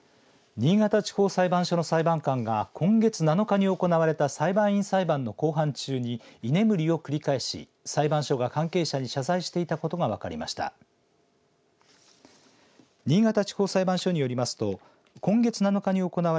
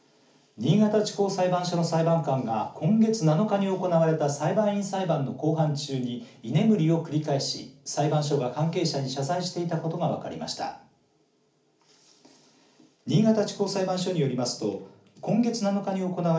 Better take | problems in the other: first | room echo; dies away in 0.4 s

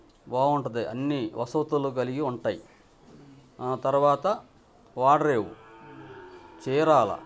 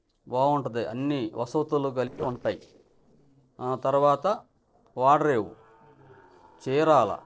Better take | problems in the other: first | noise reduction (neural separator model SepFormer DNS4)

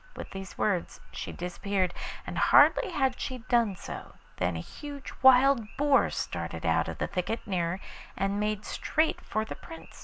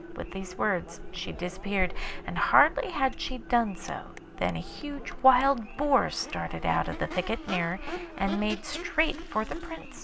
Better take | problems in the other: first | background sound (Crowd / Race car, auto racing / Accelerating, revving, vroom); 14 dB below the speech

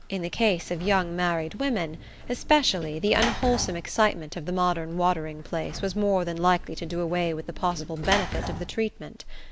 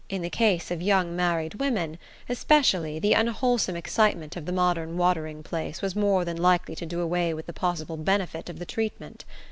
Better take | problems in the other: second | background sound (Sliding door / Slam); 11 dB below the speech

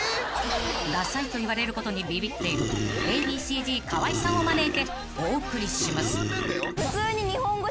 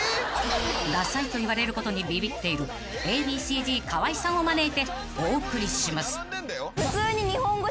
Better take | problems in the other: second | background sound (Burping, eructation); 2 dB below the speech

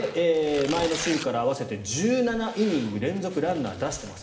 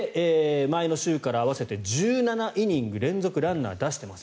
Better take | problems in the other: second | background sound (Tearing); 14 dB below the speech // room echo; dies away in 1 s

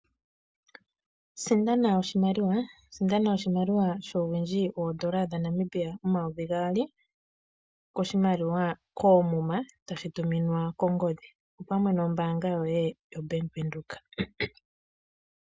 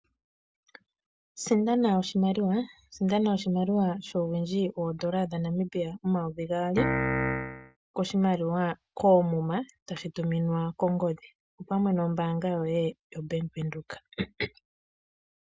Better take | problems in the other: first | background sound (Piano); as loud as the speech

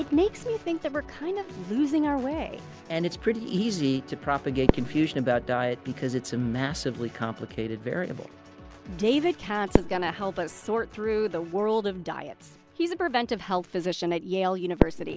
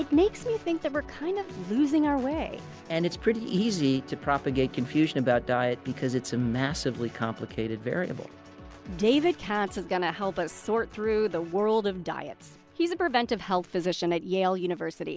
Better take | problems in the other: second | background sound (Fireworks); 7 dB below the speech

